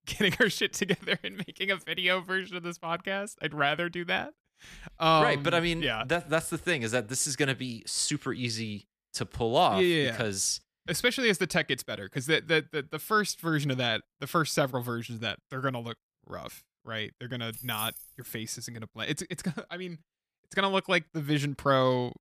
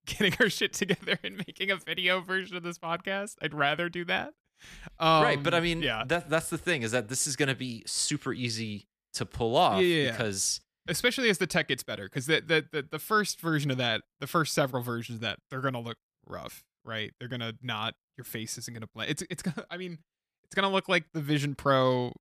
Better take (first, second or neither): second